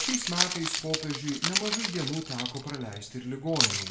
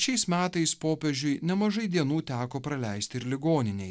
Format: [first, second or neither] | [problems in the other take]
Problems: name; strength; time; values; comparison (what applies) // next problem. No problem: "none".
second | background sound (Keys jangling); 2 dB above the speech // room echo; dies away in 0.6 s